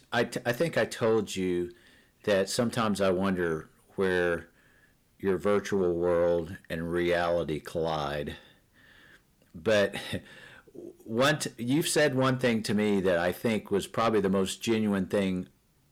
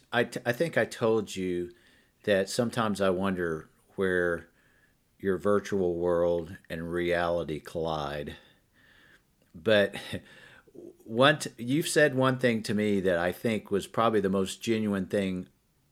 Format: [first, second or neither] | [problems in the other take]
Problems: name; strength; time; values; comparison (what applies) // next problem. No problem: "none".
second | distortion; slight; 10 dB below the speech